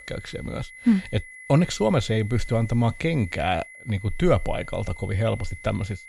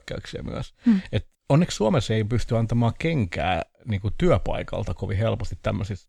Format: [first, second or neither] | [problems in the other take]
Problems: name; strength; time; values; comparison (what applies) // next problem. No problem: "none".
second | high-pitched whine; noticeable; throughout; 2 kHz, 15 dB below the speech